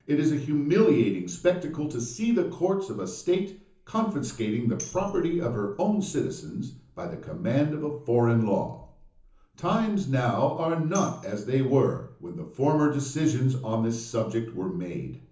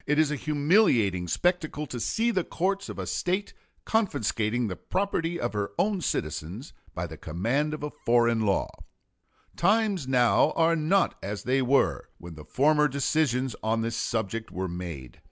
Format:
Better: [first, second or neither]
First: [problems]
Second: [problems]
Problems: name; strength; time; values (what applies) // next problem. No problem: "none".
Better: second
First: background sound (Tambourine); 19 dB below the speech // room echo; dies away in 0.7 s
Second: none